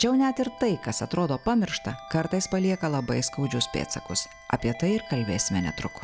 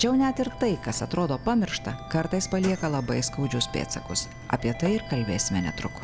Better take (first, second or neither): first